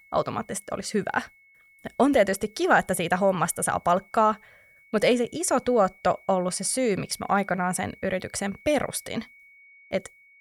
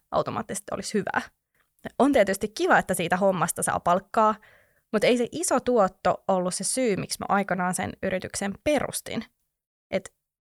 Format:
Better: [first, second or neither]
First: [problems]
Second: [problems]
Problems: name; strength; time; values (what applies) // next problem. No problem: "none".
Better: second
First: high-pitched whine; faint; throughout; 2 kHz, 25 dB below the speech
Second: none